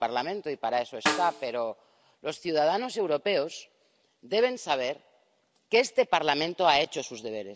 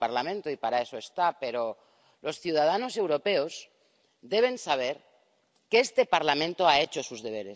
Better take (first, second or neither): second